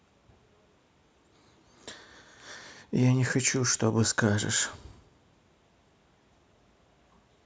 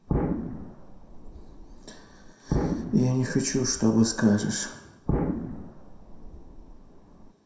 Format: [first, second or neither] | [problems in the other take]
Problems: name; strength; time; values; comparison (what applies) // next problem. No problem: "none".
first | background sound (Explosion); 4 dB below the speech // room echo; dies away in 0.7 s